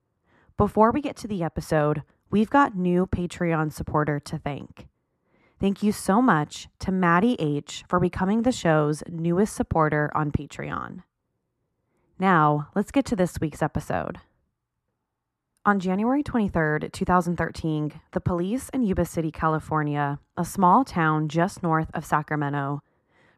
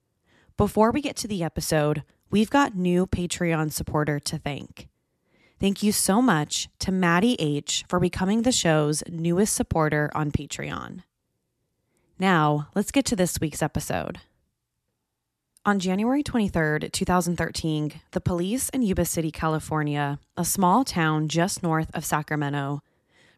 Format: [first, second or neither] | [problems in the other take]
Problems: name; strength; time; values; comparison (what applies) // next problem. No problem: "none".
second | muffled; slightly; fading above 2.5 kHz